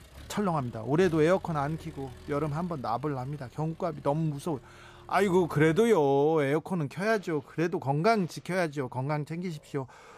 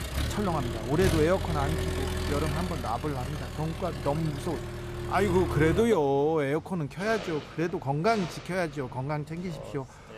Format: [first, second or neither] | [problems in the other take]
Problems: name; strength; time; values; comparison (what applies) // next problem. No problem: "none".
first | traffic noise; loud; throughout; 5 dB below the speech; faint in the first